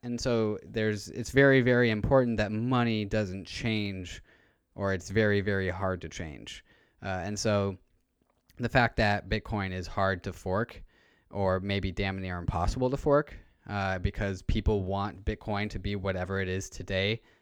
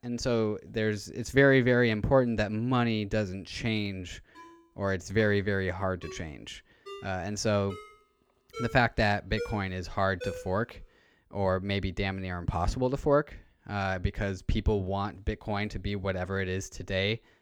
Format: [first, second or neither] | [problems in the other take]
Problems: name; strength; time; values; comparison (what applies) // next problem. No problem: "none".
first | phone ringing; faint; from 4.5 to 10 s; peak 10 dB below the speech